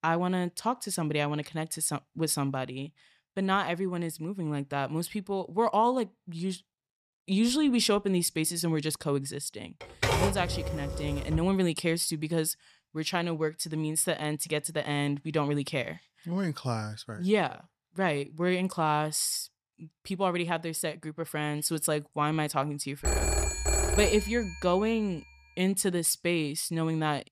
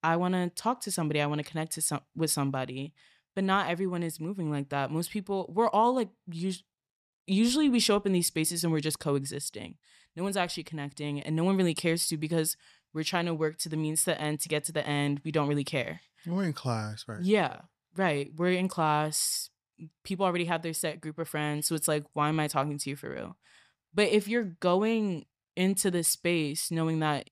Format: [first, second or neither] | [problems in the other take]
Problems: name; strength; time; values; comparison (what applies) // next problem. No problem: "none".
second | keyboard typing; loud; from 10 to 11 s; peak 3 dB above the speech // phone ringing; loud; from 23 to 25 s; peak 3 dB above the speech